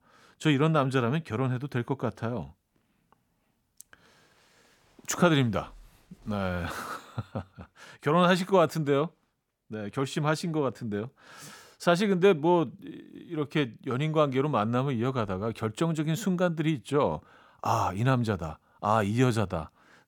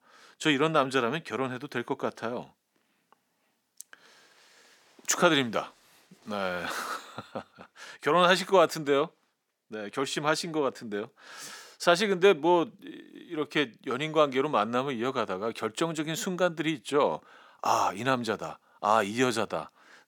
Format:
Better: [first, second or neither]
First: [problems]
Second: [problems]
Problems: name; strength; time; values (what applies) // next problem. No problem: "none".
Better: first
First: none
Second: thin; somewhat; fading below 300 Hz